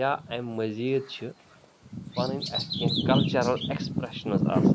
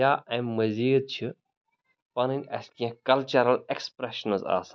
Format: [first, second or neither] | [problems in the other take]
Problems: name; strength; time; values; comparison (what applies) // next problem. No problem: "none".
second | background sound (Bird vocalization, bird call, bird song); 2 dB above the speech